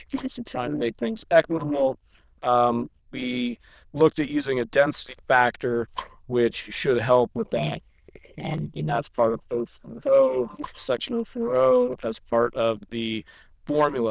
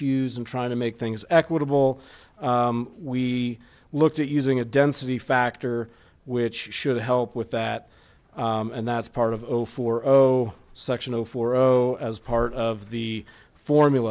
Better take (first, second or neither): second